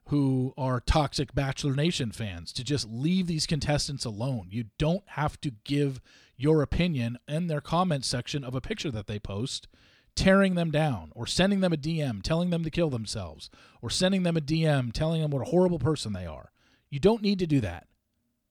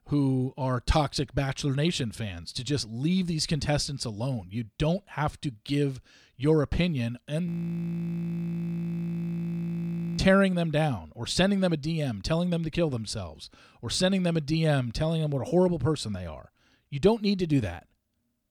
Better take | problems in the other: first | audio freezing; at 7.5 s for 2.5 s

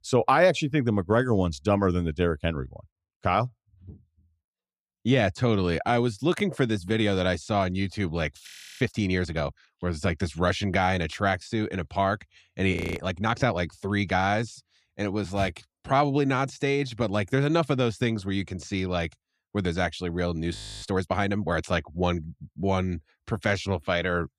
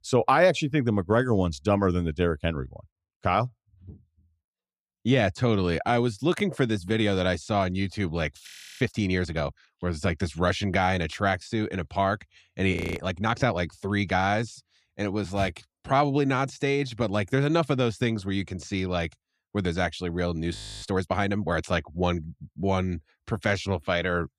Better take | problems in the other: neither | audio freezing; at 8.5 s, at 13 s and at 21 s; the same in both

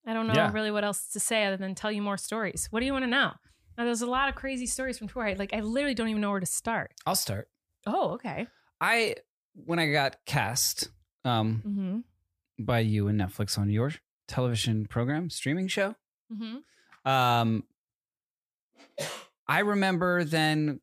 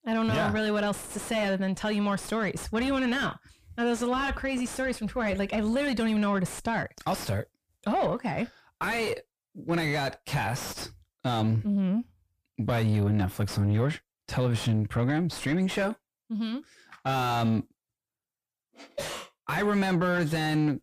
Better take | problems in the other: first | distortion; heavy; 6 dB below the speech

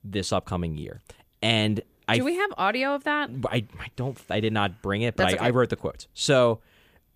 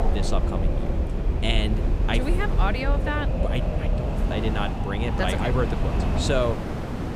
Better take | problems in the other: first | wind in the background; very loud; throughout; 3 dB above the speech

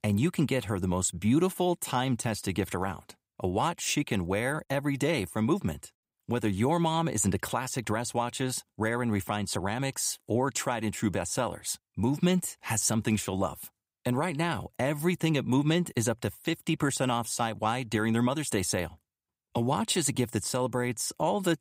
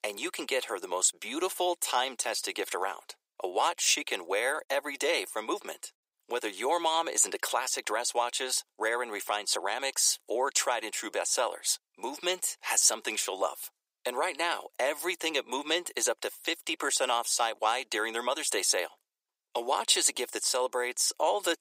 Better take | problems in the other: first | thin; very; fading below 400 Hz

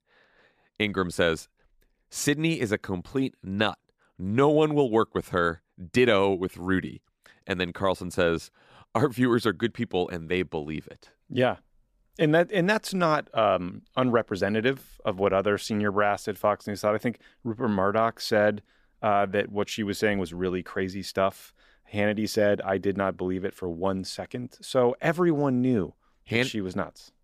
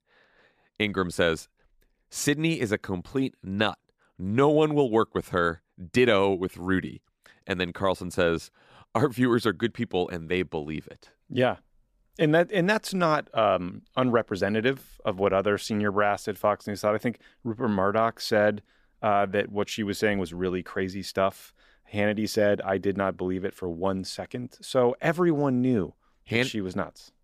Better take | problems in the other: neither | none

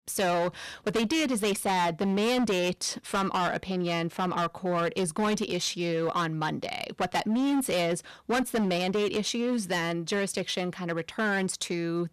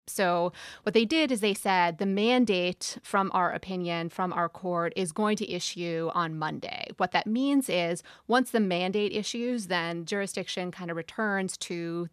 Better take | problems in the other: second | distortion; heavy; 17% of the sound clipped

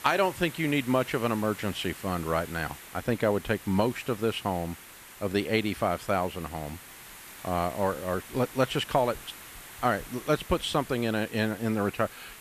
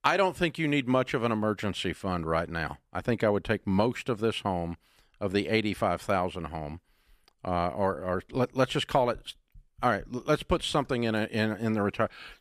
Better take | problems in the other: second | hiss; noticeable; throughout; 15 dB below the speech

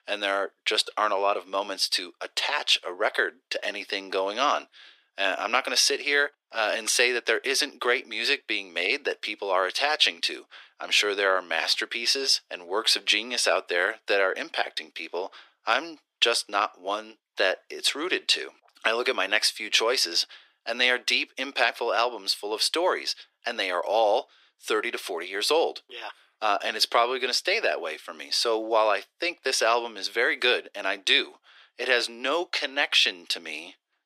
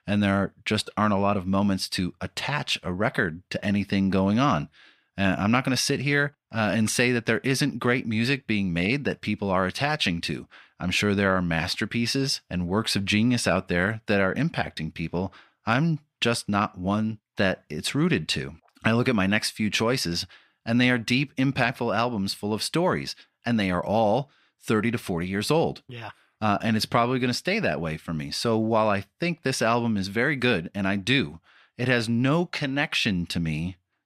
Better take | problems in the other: second | thin; very; fading below 350 Hz

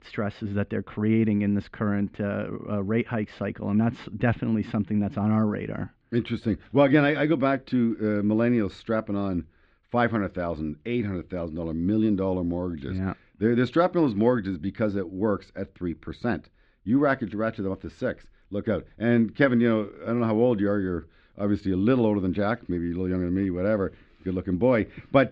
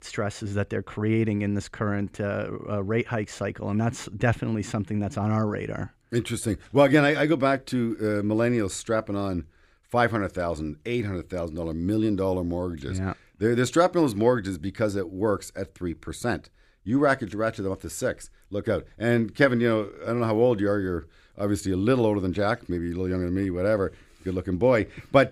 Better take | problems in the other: second | muffled; slightly; fading above 4 kHz

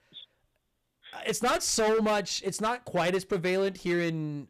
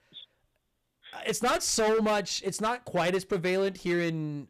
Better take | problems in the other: neither | distortion; heavy; 11% of the sound clipped; the same in both

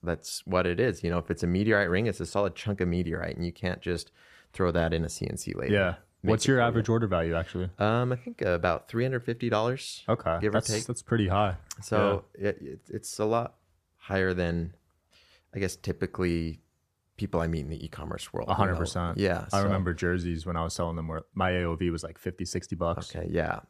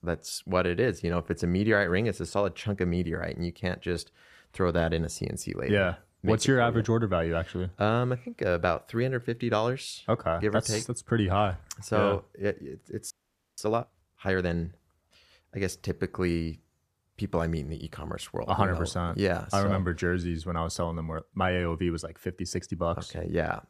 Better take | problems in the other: first | audio freezing; at 13 s

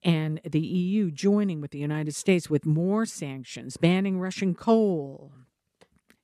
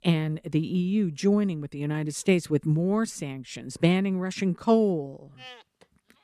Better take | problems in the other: first | animal sounds; faint; throughout; 20 dB below the speech

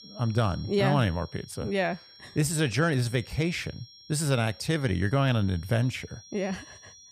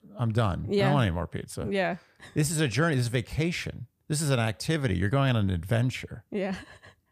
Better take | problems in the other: second | high-pitched whine; faint; throughout; 5.5 kHz, 20 dB below the speech

